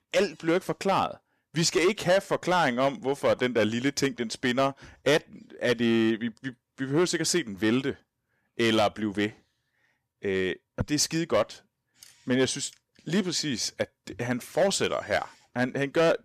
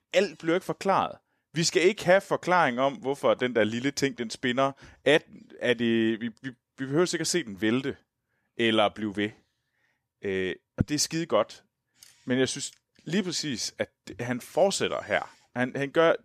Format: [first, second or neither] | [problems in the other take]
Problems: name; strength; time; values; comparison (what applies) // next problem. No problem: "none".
second | distortion; slight; 5% of the sound clipped